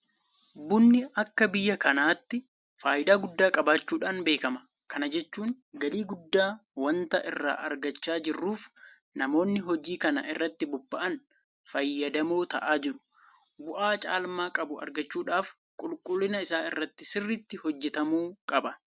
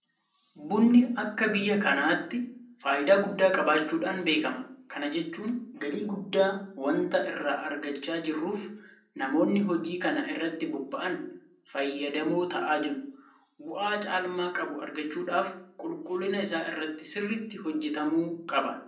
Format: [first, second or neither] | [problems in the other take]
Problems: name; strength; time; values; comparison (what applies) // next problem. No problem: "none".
first | room echo; dies away in 0.6 s